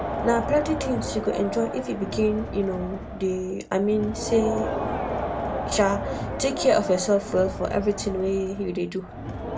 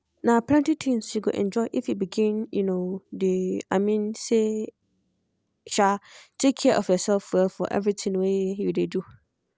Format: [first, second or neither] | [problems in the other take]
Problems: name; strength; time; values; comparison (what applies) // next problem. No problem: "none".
second | background sound (Crowd); 5 dB below the speech // room echo; dies away in 0.2 s